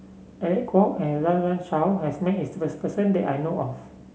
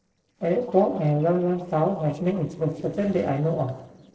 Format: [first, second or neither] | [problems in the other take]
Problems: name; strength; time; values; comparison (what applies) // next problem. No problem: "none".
first | noise reduction (neural separator model SepFormer DNS4)